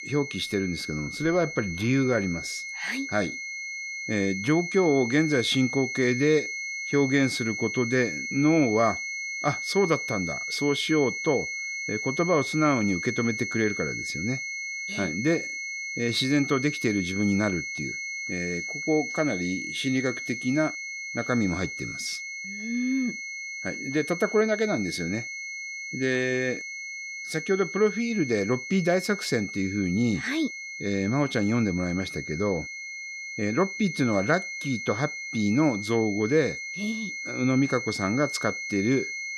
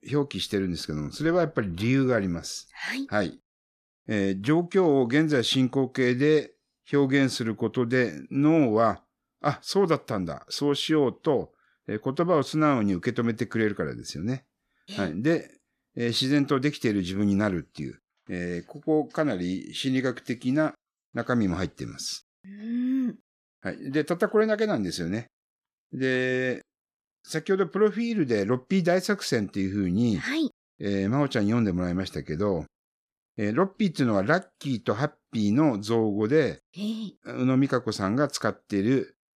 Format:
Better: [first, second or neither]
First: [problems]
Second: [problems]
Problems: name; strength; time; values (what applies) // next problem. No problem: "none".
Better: second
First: high-pitched whine; loud; throughout; 2 kHz, 6 dB below the speech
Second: none